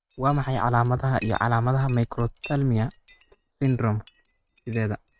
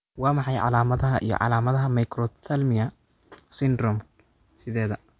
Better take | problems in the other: second | noise reduction (neural mask model RNNoise)

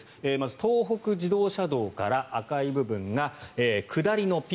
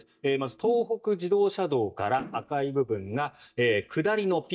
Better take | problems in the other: first | noise reduction (neural mask model DeepFilterNet 3)

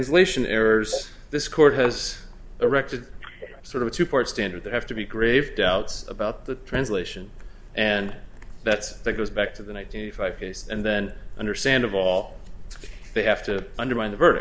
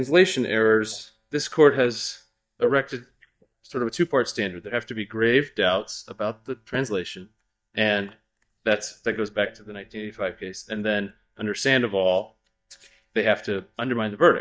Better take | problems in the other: first | noise reduction (neural mask model DeepFilterNet 3)

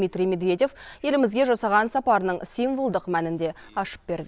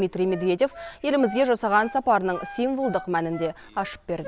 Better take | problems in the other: first | background sound (Wind instrument, woodwind instrument); 17 dB below the speech

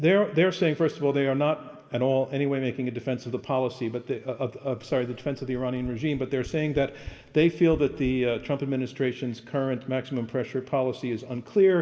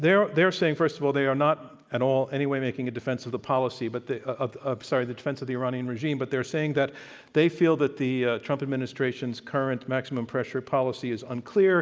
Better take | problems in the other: second | background sound (Run); 18 dB below the speech // room echo; dies away in 1.6 s

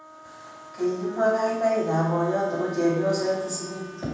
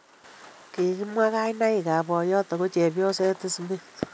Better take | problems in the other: second | background sound (Wind instrument, woodwind instrument); 17 dB below the speech // room echo; dies away in 1.2 s

